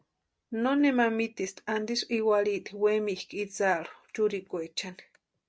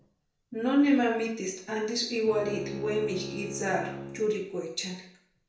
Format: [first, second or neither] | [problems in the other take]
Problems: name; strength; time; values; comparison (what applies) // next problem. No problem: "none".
first | background sound (Bowed string instrument); 13 dB below the speech // room echo; dies away in 0.5 s